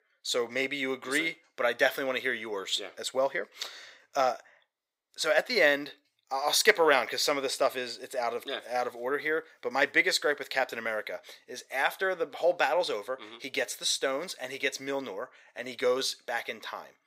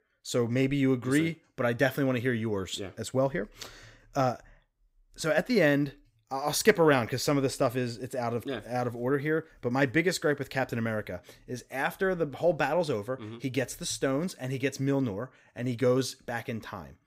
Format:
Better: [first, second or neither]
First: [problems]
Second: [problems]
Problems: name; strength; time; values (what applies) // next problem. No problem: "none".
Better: second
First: thin; somewhat; fading below 600 Hz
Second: none